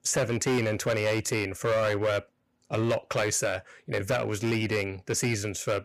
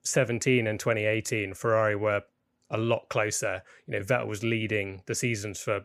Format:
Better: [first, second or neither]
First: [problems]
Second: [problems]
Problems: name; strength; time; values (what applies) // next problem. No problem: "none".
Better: second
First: distortion; heavy; 11% of the sound clipped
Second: none